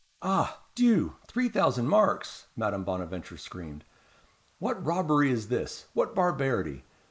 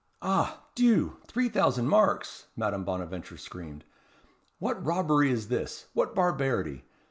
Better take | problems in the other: second | noise reduction (neural mask model Resemble Enhance denoiser)

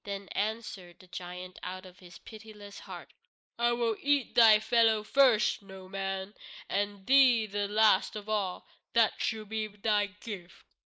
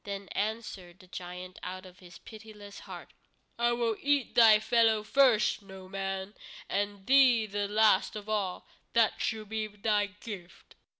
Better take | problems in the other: second | noise reduction (neural mask model Resemble Enhance denoiser)

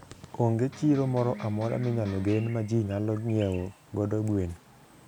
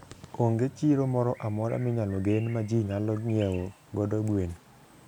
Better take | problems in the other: second | background sound (Electric guitar); 14 dB below the speech

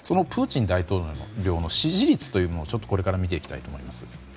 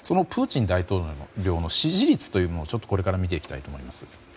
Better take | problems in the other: second | background sound (Bass guitar); 18 dB below the speech

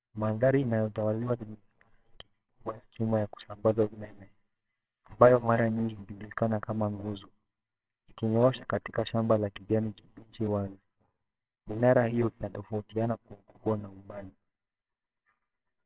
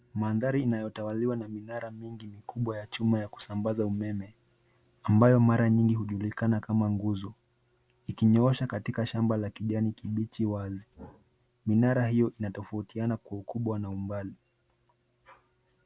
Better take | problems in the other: second | noise reduction (neural separator model SepFormer WHAMR!)

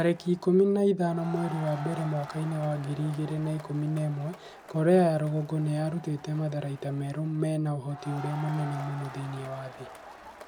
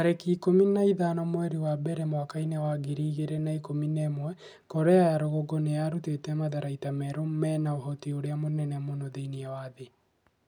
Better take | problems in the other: second | background sound (Crowd); 16 dB below the speech

